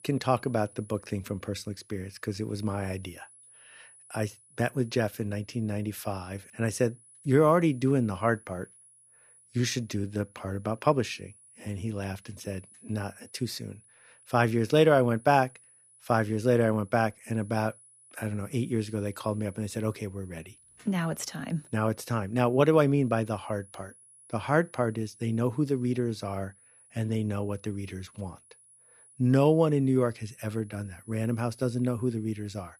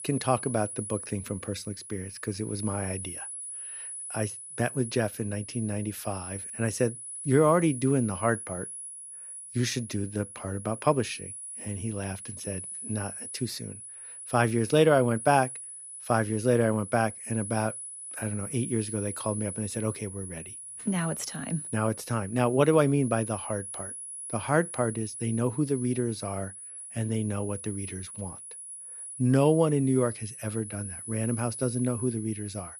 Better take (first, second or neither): first